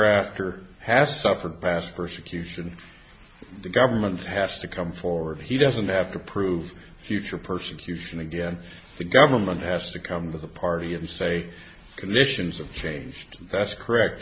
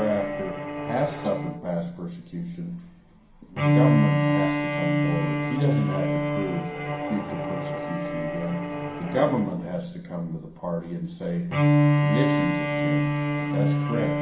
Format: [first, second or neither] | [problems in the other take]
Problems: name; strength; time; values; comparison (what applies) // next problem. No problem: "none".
first | background sound (Bowed string instrument); 4 dB above the speech // room echo; dies away in 0.5 s